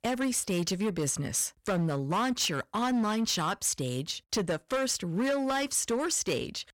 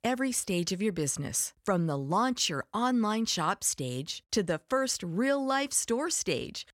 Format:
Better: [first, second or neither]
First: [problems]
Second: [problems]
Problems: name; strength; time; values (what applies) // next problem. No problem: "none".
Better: second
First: distortion; slight; 12% of the sound clipped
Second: none